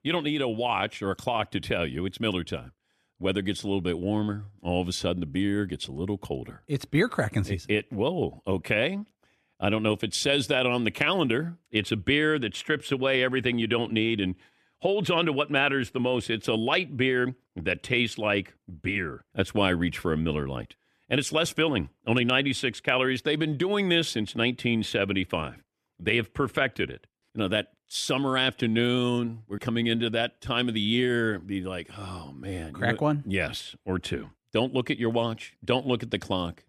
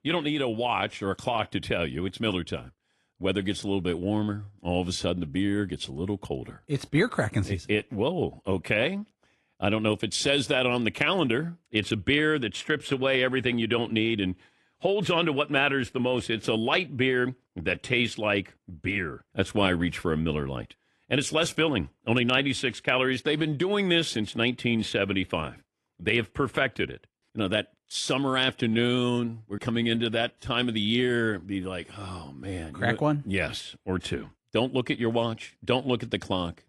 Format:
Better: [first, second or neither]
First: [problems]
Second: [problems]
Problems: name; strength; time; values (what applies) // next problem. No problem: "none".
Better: first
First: none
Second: garbled, watery; slightly